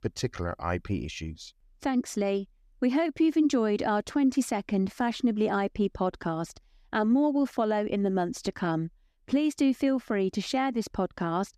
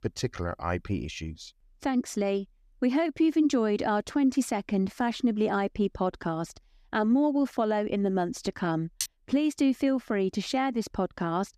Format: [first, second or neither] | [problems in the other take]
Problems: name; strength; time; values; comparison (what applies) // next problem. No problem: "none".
first | clattering dishes; noticeable; at 9 s; peak 6 dB below the speech